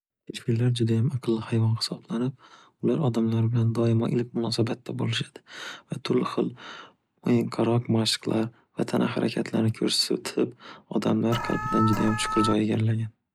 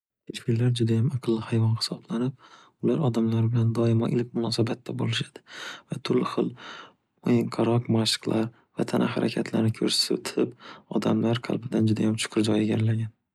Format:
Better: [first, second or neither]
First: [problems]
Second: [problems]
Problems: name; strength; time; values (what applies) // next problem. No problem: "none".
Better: second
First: background sound (Alarm); 3 dB below the speech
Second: none